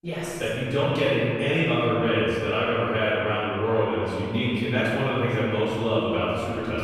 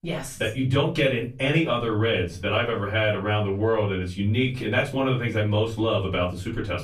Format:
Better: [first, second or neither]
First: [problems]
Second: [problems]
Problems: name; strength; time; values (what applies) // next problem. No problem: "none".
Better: second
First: room echo; strong; dies away in 2.3 s // off-mic speech; far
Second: room echo; slight; dies away in 0.3 s // off-mic speech; far